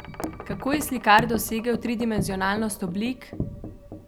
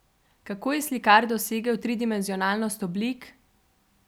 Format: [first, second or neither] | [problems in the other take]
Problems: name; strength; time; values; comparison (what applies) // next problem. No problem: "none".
second | background sound (Wind chime); 9 dB below the speech